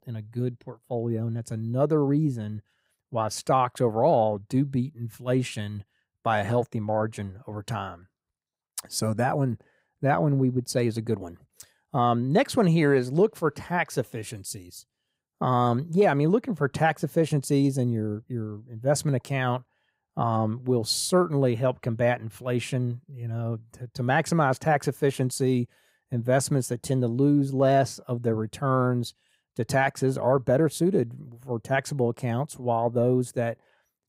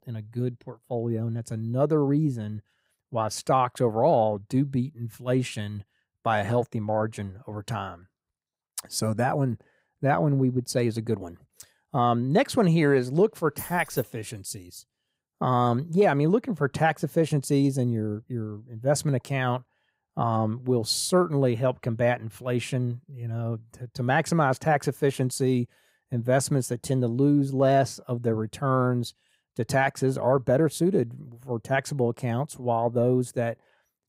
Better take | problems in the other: first | jangling keys; faint; at 14 s; peak 10 dB below the speech

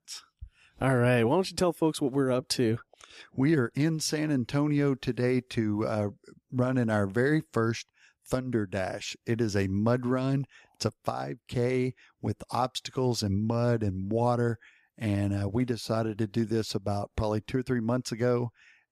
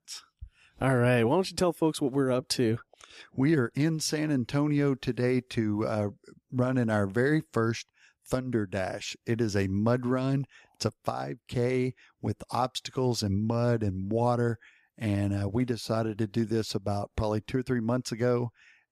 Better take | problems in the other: neither | none

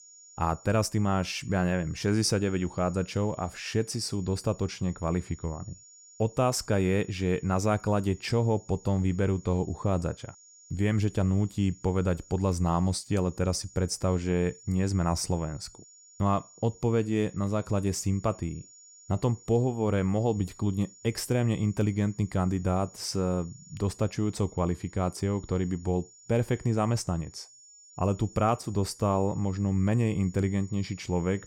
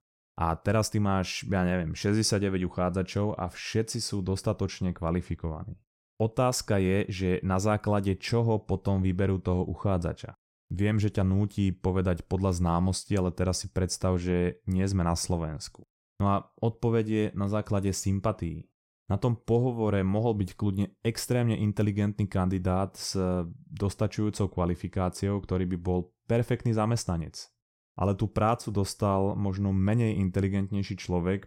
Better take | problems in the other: second | high-pitched whine; faint; throughout; 7 kHz, 20 dB below the speech

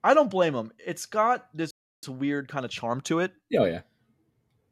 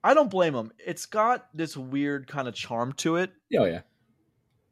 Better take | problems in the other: second | audio freezing; at 1.5 s

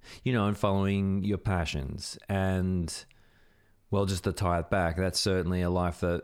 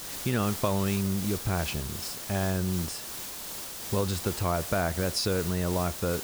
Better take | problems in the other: first | hiss; loud; throughout; 6 dB below the speech

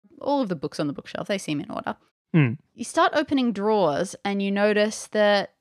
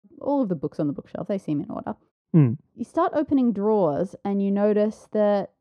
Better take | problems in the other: first | muffled; very; fading above 1 kHz

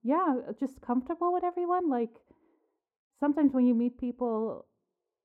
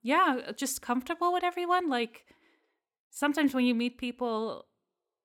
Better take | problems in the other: second | muffled; very; fading above 1.5 kHz

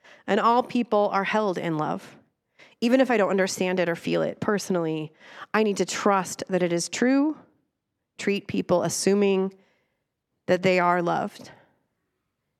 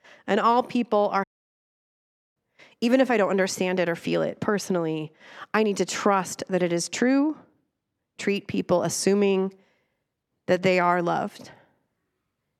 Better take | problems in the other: first | audio cutting out; at 1 s for 1 s

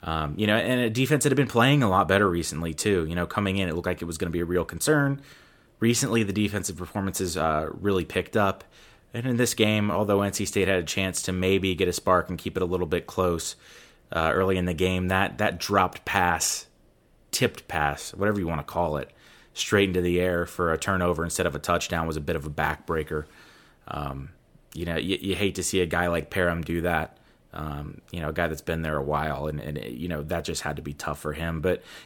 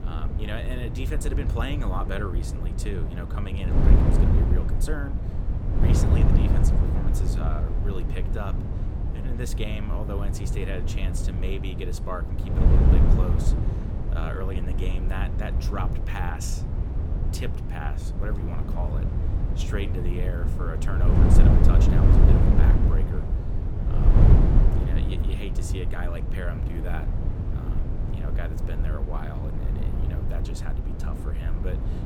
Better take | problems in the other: first | wind noise on the microphone; heavy; 1 dB above the speech

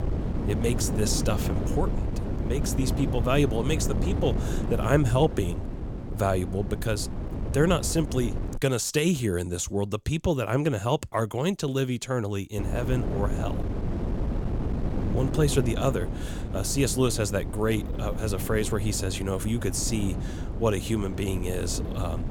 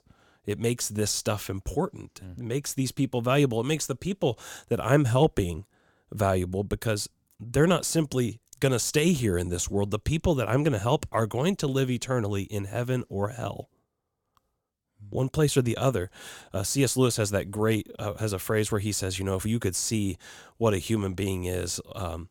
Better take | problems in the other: second | wind noise on the microphone; heavy; until 8.5 s and from 13 s on; 9 dB below the speech

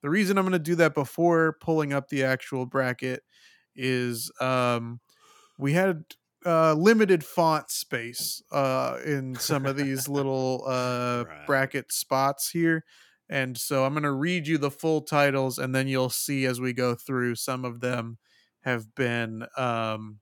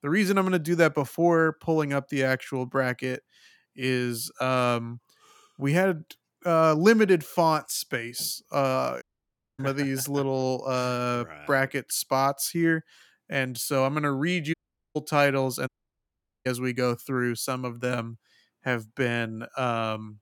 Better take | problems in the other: first | audio cutting out; at 9 s for 0.5 s, at 15 s and at 16 s for 1 s

